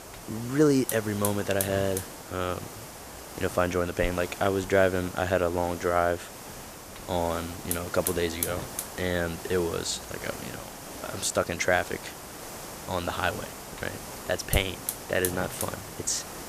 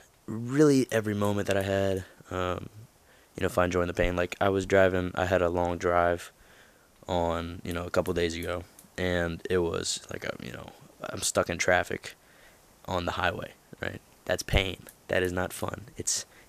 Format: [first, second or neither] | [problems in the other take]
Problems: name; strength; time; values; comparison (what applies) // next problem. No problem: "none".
second | hiss; loud; throughout; 8 dB below the speech; faint in the second